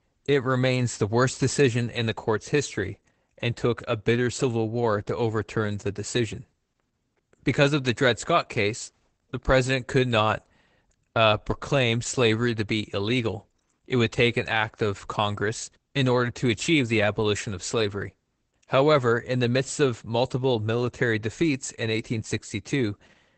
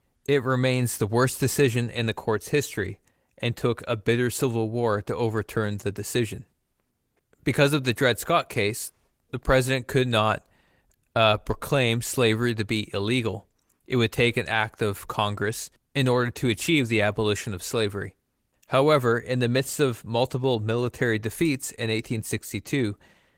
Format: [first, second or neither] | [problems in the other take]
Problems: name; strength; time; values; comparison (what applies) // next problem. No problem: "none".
second | garbled, watery; badly; nothing above 8 kHz; slightly in the second